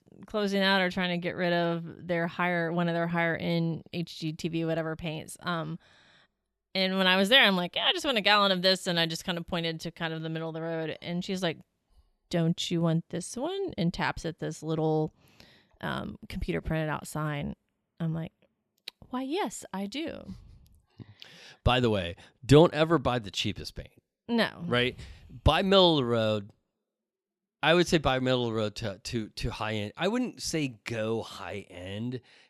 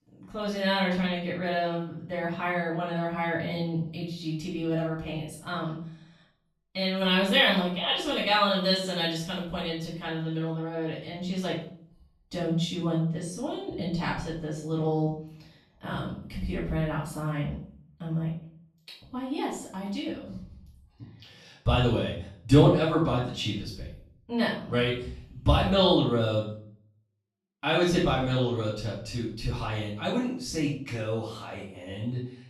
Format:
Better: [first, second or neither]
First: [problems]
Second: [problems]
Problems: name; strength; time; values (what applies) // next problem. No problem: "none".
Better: first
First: none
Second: off-mic speech; far // room echo; noticeable; dies away in 0.5 s